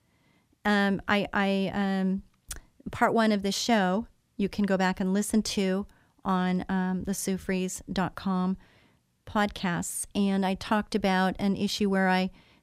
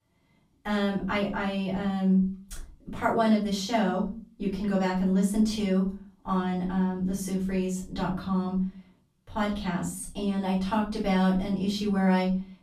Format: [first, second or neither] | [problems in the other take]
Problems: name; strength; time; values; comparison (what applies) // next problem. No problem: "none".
first | off-mic speech; far // room echo; slight; dies away in 0.4 s